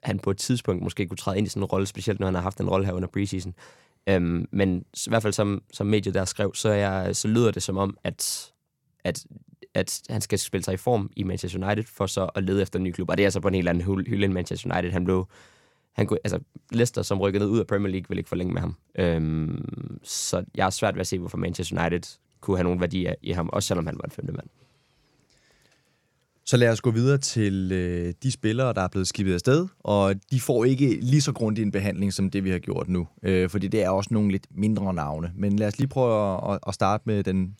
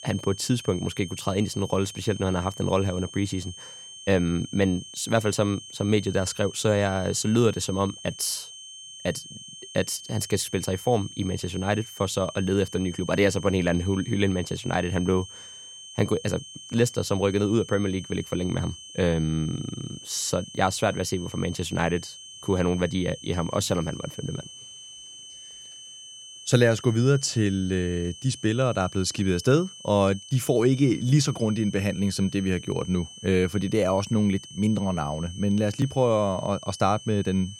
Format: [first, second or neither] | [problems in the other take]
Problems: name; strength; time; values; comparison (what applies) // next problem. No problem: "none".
first | high-pitched whine; noticeable; throughout; 3 kHz, 15 dB below the speech